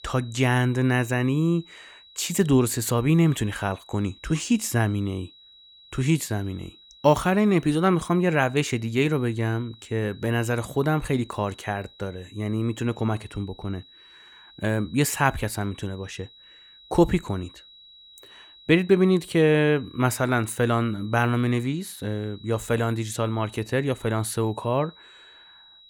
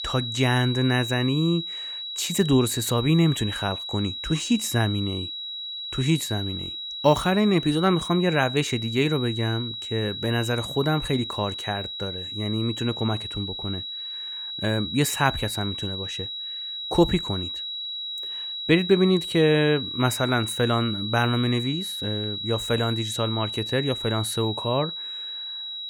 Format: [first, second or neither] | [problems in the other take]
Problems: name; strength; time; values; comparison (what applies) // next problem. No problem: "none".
first | high-pitched whine; loud; throughout; 4 kHz, 6 dB below the speech; faint in the first